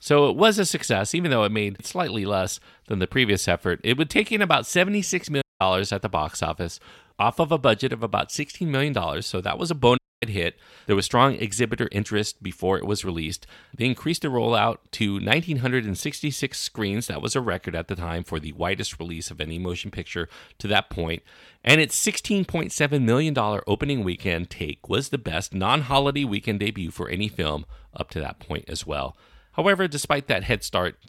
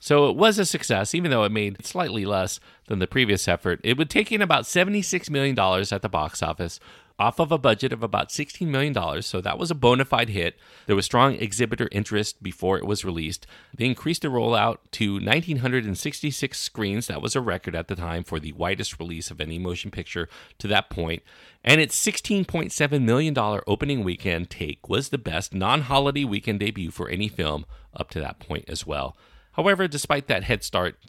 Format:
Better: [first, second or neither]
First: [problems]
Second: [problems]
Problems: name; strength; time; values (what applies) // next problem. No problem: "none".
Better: second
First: audio cutting out; at 5.5 s and at 10 s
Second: none